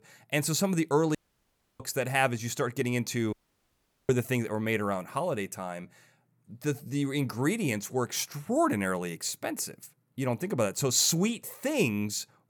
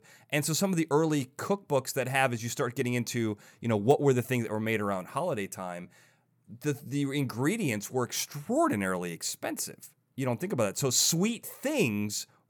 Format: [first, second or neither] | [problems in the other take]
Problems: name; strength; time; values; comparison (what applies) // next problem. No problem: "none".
second | audio cutting out; at 1 s for 0.5 s and at 3.5 s for 1 s